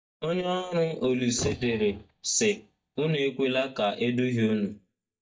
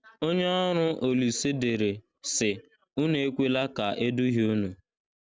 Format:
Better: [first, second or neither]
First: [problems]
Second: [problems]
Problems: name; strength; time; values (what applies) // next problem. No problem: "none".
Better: second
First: noise reduction (neural mask model DeepFilterNet 3)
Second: none